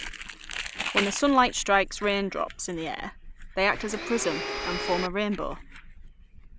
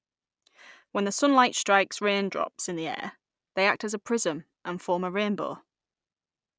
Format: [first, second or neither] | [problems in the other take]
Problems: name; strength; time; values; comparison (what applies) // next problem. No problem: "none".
second | background sound (Domestic sounds, home sounds + Crumpling, crinkling); 7 dB below the speech